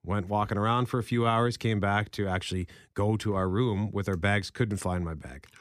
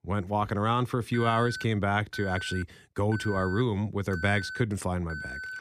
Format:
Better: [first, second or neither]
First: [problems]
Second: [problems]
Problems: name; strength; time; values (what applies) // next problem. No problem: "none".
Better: first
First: none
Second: alarm; noticeable; from 1 s on; peak 8 dB below the speech